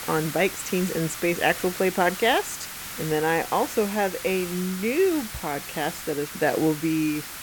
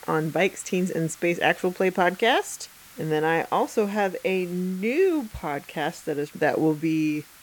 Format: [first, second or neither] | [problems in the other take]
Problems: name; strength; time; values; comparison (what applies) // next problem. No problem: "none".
second | hiss; loud; throughout; 9 dB below the speech; faint in the second